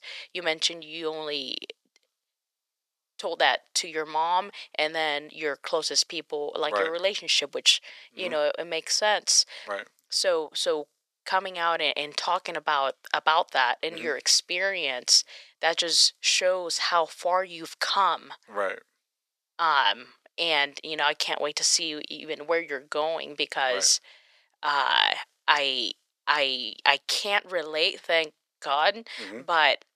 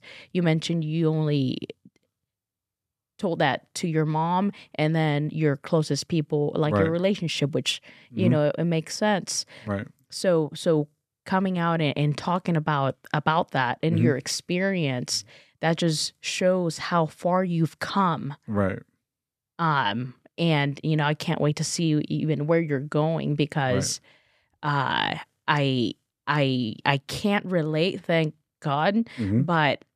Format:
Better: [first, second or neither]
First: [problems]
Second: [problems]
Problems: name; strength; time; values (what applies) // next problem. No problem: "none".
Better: second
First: thin; very; fading below 550 Hz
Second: none